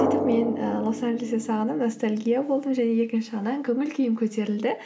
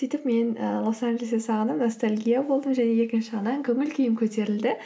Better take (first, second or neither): second